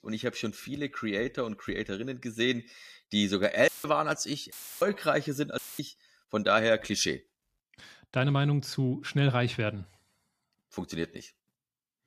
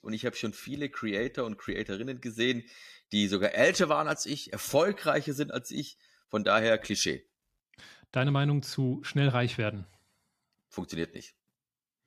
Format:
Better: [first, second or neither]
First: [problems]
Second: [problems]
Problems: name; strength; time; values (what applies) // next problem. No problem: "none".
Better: second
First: audio cutting out; filled with static; at 3.5 s, at 4.5 s and at 5.5 s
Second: none